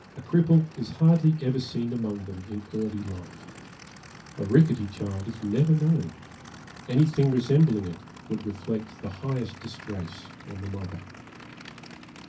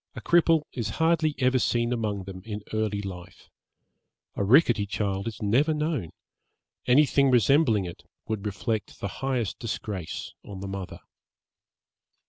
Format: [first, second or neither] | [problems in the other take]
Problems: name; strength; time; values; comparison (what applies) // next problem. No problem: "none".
second | background sound (Idling / Aircraft); 19 dB below the speech // room echo; dies away in 0.3 s